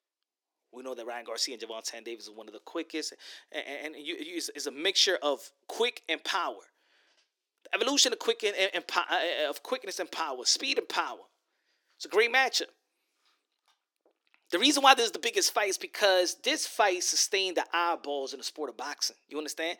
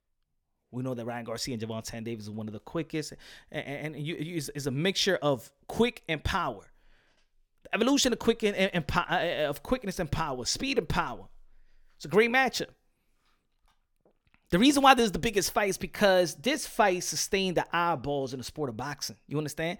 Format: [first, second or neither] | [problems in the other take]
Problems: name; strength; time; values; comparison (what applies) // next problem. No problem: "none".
second | thin; somewhat; fading below 300 Hz